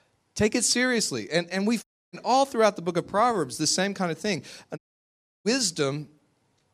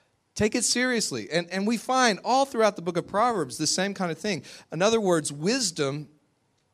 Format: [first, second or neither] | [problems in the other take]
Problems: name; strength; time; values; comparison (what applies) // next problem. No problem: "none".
second | audio cutting out; at 2 s and at 5 s for 0.5 s